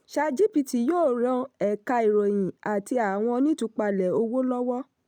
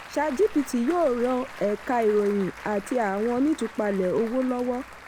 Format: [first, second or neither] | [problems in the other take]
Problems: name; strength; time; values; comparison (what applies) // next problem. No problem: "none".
first | background sound (Applause); 16 dB below the speech